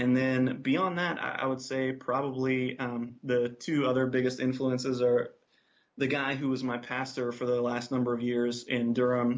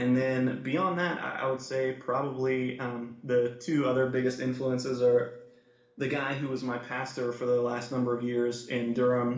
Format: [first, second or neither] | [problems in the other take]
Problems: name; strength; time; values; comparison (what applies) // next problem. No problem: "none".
first | room echo; dies away in 0.9 s